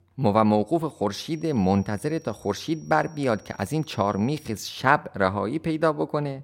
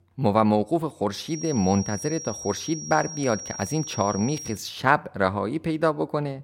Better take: first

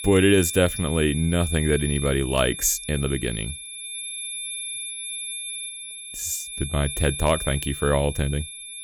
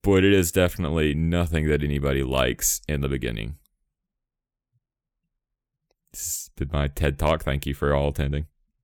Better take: second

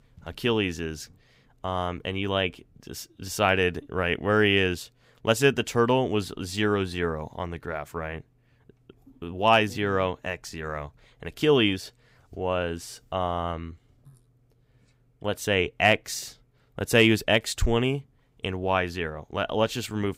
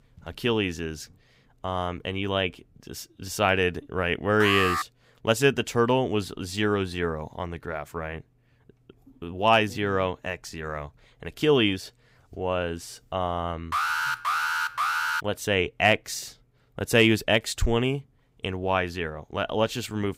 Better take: first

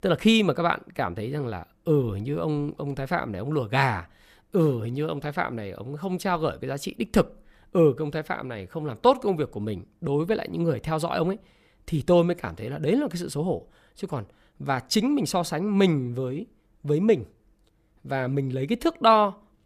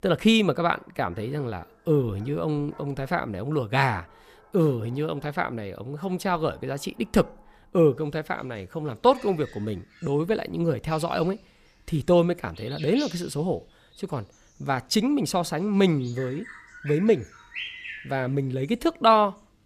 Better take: first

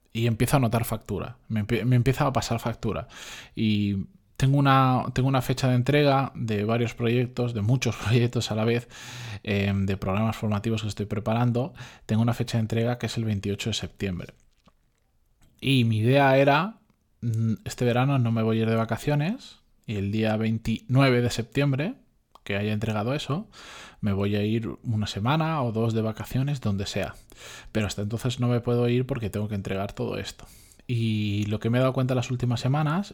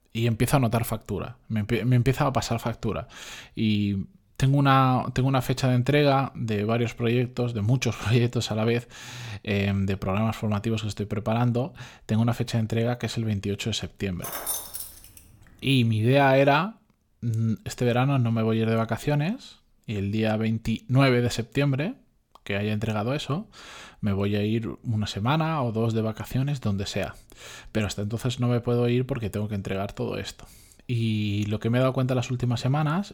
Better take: first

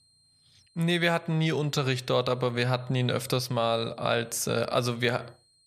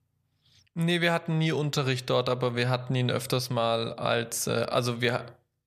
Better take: second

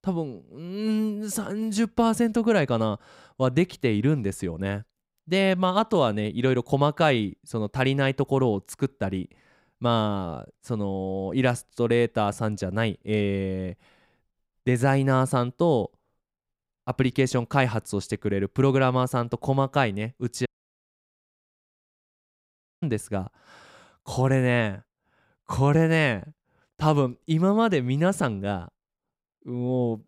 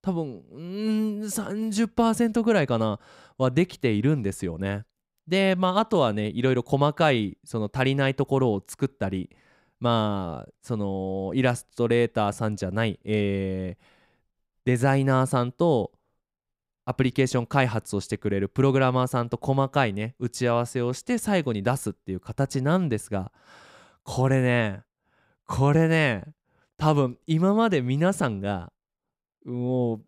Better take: second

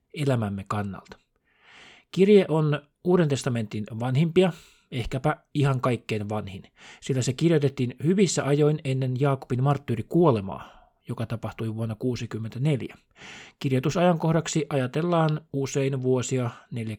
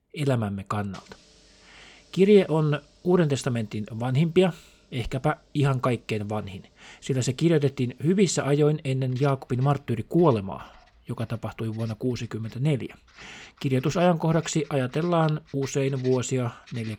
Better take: first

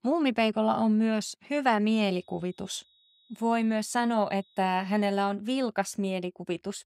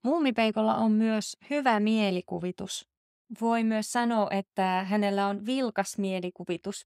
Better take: second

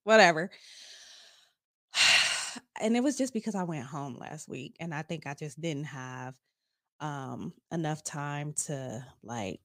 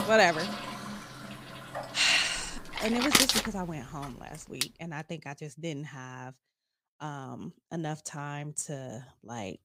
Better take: first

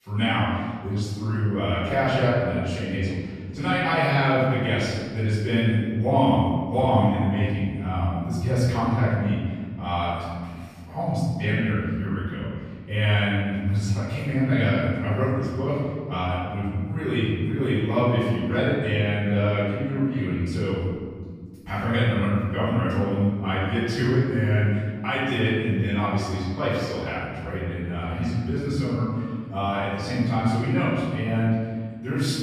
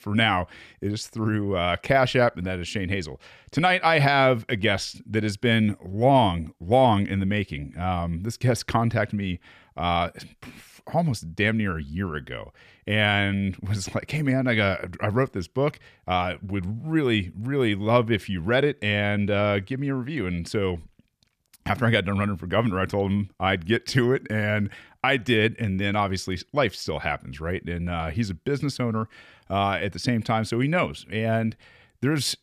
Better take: second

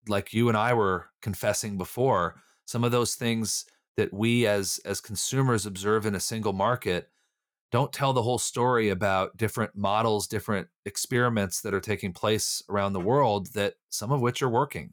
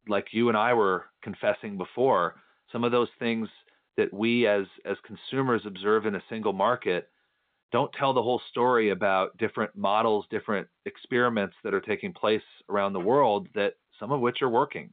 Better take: first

